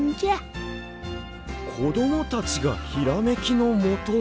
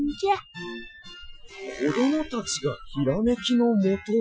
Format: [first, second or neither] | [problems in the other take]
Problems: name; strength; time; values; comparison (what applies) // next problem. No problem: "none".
first | noise reduction (classical method Wiener filter)